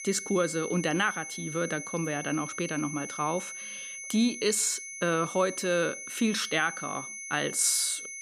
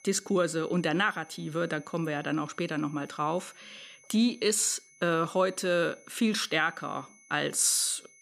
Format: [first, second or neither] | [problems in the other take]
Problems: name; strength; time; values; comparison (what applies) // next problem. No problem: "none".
second | high-pitched whine; loud; throughout; 6 kHz, 9 dB below the speech; faint in the second